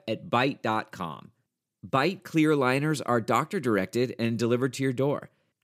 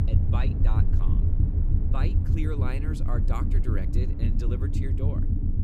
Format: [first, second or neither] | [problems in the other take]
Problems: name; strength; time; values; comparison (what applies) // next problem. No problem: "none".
first | low rumble; loud; throughout; 1 dB below the speech